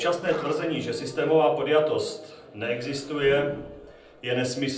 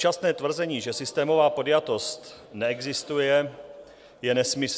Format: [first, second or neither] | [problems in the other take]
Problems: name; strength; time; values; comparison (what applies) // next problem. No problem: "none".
second | background sound (Animal); 19 dB below the speech // room echo; dies away in 0.6 s